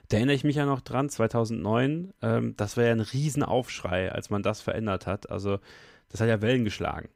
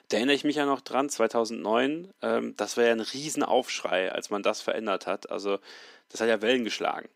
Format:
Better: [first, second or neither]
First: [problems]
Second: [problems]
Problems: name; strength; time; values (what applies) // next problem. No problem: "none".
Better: first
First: none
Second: thin; somewhat; fading below 250 Hz